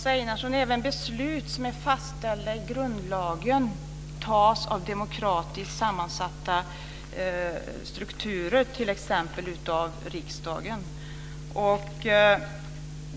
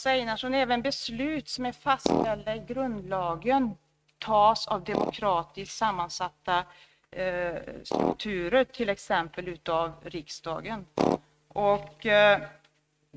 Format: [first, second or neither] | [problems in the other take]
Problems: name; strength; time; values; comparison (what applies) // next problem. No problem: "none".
first | noise reduction (neural mask model RNNoise)